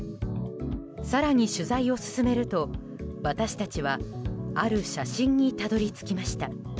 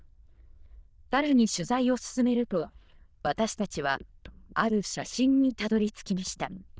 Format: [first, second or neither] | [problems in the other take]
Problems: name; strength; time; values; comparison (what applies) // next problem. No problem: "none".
first | noise reduction (neural diffusion model UNIVERSE++)